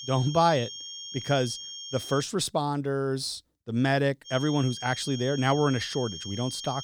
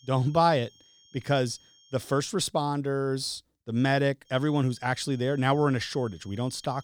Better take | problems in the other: second | high-pitched whine; loud; until 2.5 s and from 4.5 s on; 3 kHz, 10 dB below the speech; faint in the second

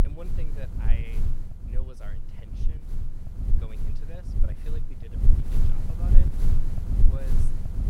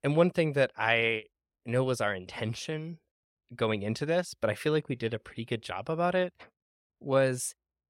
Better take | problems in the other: second | wind noise on the microphone; heavy; 3 dB above the speech

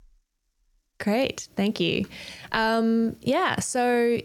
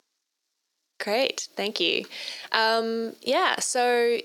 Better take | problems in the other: first | thin; somewhat; fading below 350 Hz

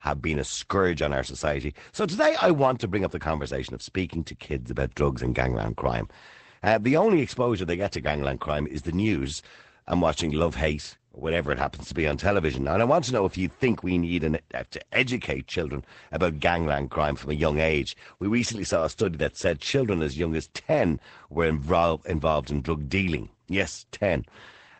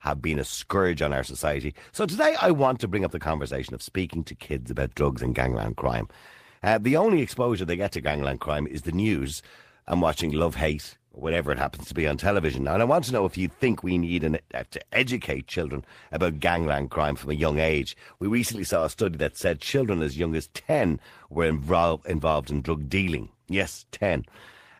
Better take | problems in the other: second | garbled, watery; badly; nothing above 8 kHz; slightly in the second

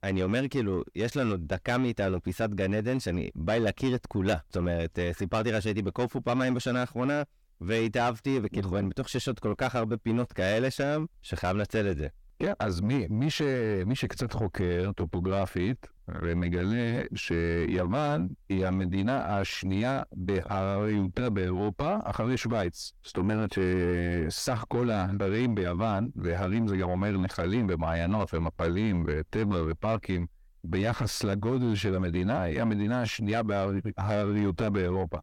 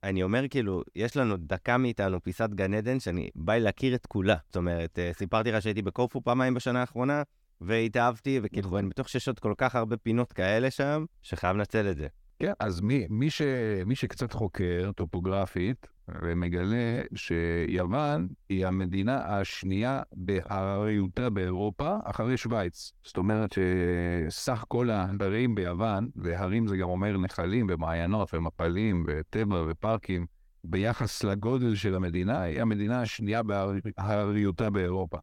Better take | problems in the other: second | distortion; slight; 10 dB below the speech

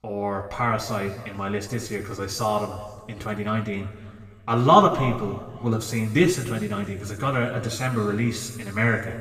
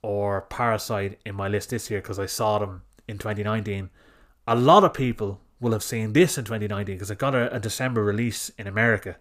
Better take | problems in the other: second | room echo; noticeable; dies away in 1.8 s // off-mic speech; far

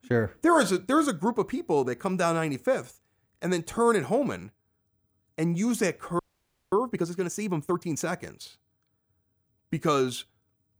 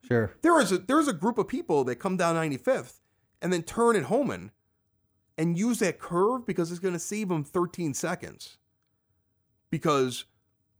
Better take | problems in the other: second | audio freezing; at 6 s for 0.5 s

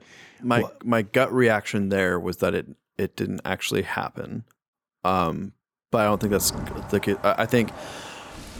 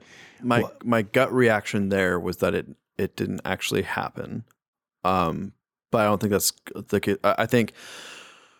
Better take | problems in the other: second | rain or running water; very faint; from 6.5 s on; 15 dB below the speech

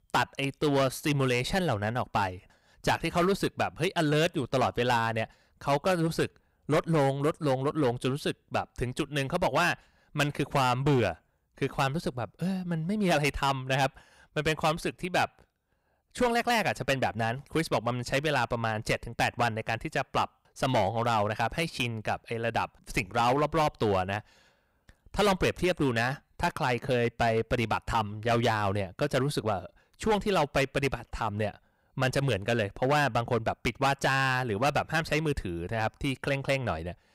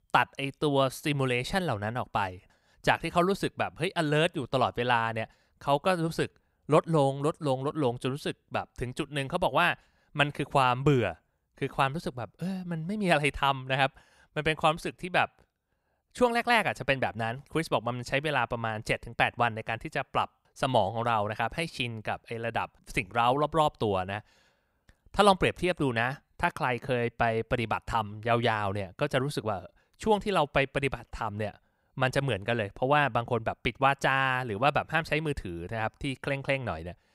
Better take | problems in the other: second | distortion; heavy; 7% of the sound clipped

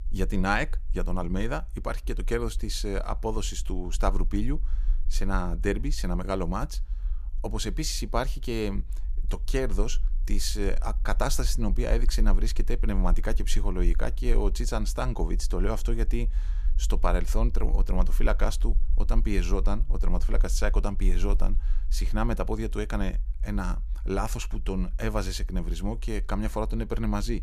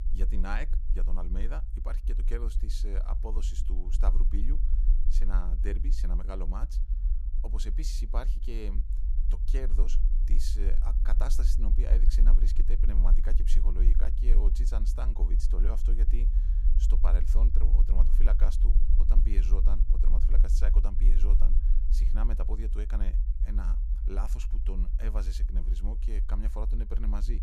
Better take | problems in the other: first | low rumble; loud; throughout; 8 dB below the speech; faint in the first

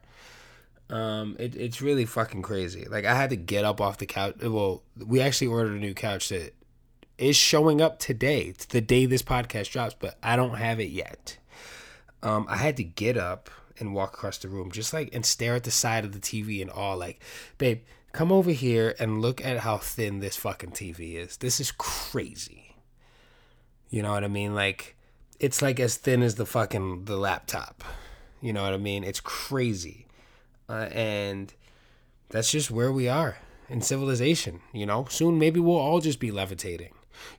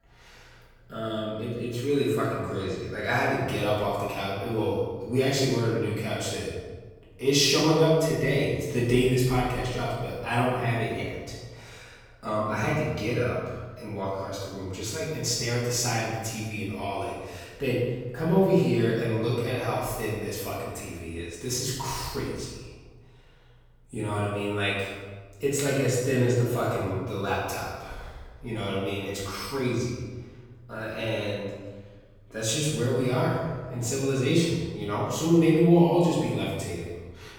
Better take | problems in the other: first | room echo; strong; dies away in 1.2 s // off-mic speech; far

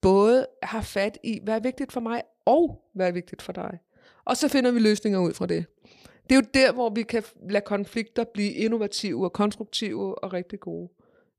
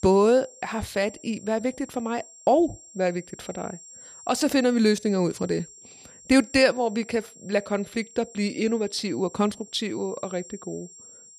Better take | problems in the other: first | high-pitched whine; noticeable; throughout; 7.5 kHz, 20 dB below the speech

